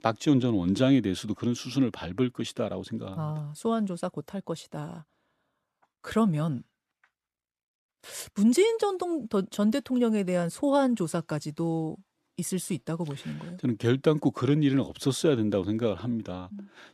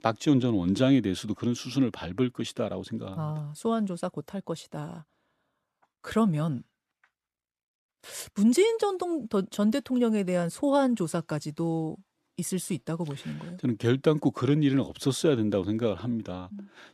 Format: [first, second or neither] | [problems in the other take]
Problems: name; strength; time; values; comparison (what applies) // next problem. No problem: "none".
neither | none